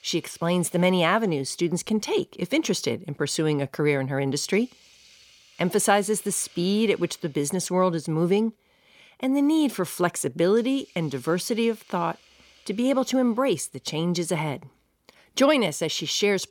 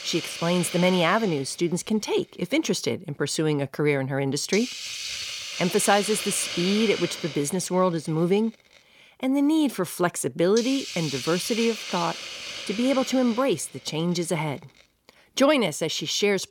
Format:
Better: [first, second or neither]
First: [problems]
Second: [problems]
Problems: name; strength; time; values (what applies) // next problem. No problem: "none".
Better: first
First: hiss; faint; throughout; 30 dB below the speech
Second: hiss; loud; throughout; 7 dB below the speech